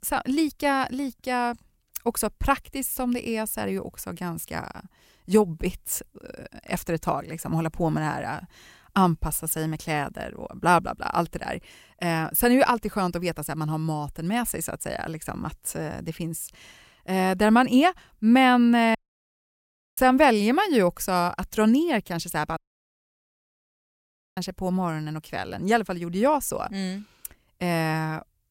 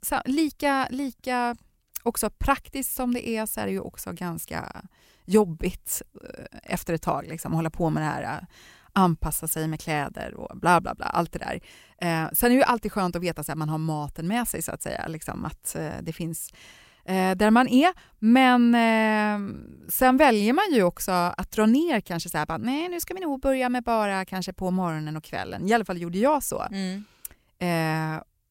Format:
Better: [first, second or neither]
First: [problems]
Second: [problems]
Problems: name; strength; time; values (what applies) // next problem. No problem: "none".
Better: second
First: audio cutting out; at 19 s for 1 s and at 23 s for 2 s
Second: none